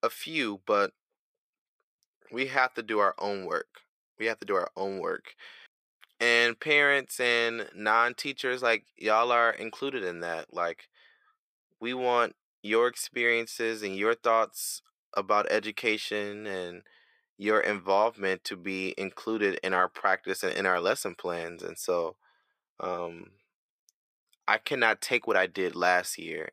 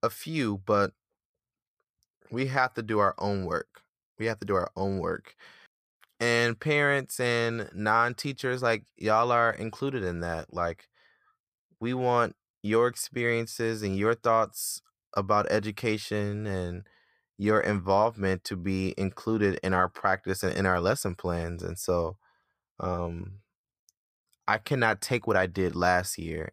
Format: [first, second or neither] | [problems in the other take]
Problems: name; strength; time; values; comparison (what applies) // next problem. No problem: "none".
second | thin; somewhat; fading below 350 Hz